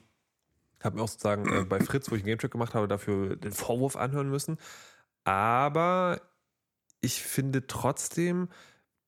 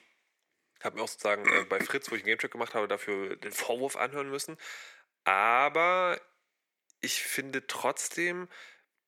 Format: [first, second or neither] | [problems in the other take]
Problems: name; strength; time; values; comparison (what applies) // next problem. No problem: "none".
first | thin; somewhat; fading below 450 Hz